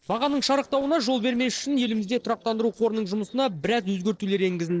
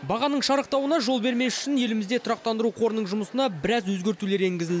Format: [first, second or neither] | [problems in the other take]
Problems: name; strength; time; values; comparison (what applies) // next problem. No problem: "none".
second | noise reduction (neural separator model SepFormer DNS4)